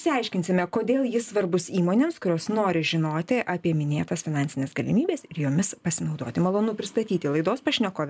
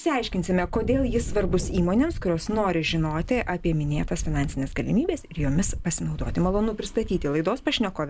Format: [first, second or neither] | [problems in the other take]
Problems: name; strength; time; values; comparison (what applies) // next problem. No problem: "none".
first | background sound (Wind); 7 dB below the speech